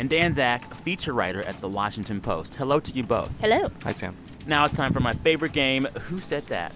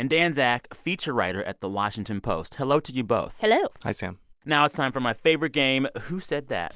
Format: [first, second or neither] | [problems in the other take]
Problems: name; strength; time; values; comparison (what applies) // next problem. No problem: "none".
second | background sound (Wind / Boat, Water vehicle); 11 dB below the speech